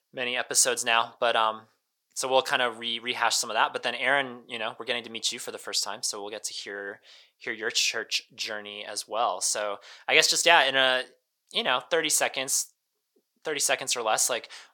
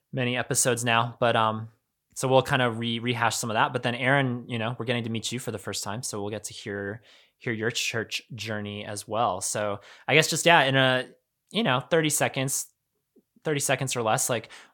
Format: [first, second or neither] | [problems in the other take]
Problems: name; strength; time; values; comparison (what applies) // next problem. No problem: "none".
second | thin; somewhat; fading below 450 Hz